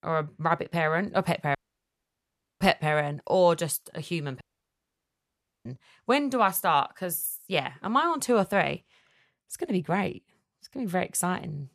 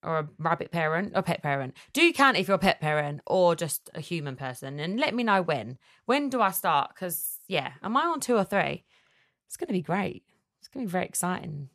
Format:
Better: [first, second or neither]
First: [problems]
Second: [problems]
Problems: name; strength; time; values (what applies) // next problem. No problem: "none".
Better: second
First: audio cutting out; at 1.5 s for 1 s and at 4.5 s for 1 s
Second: none